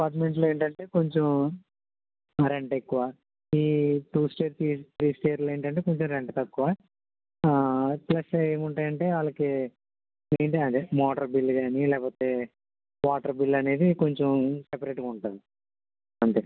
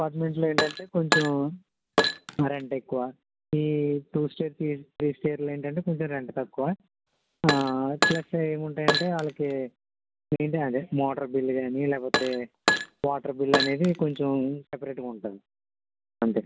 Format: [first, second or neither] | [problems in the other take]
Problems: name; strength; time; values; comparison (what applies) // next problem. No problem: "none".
first | background sound (Glass); 1 dB below the speech